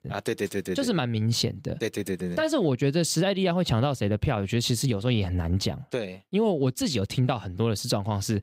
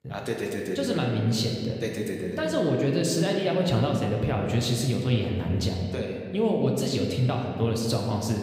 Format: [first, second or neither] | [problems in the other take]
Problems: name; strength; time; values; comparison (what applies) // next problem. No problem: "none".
first | room echo; noticeable; dies away in 1.7 s // off-mic speech; somewhat distant